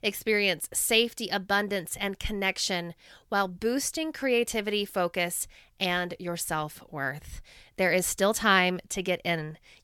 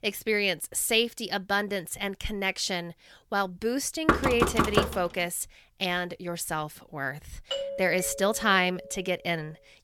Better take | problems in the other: first | door banging; loud; at 4 s; peak 4 dB above the speech // doorbell; noticeable; from 7.5 to 9 s; peak 4 dB below the speech

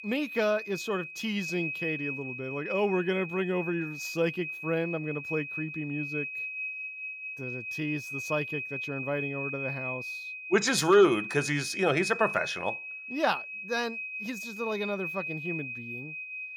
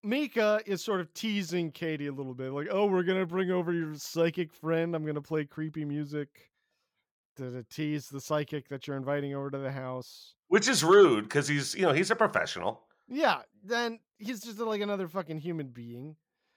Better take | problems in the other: second | high-pitched whine; loud; throughout; 2.5 kHz, 5 dB below the speech

